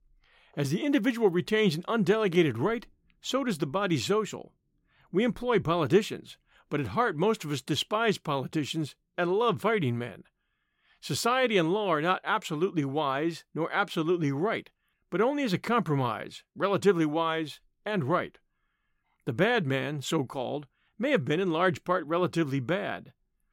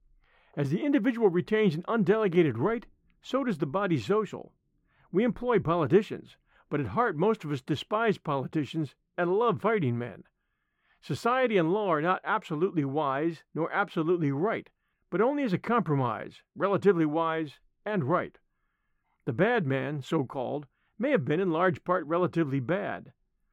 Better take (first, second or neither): first